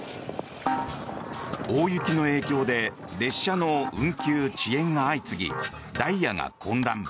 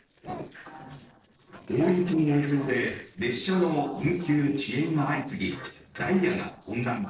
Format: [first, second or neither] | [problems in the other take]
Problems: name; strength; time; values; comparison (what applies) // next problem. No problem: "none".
first | noise reduction (neural separator model SepFormer DNS4)